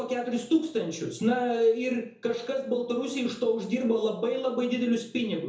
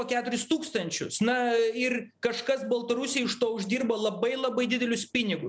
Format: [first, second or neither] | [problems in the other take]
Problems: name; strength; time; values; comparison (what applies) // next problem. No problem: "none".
second | room echo; dies away in 0.6 s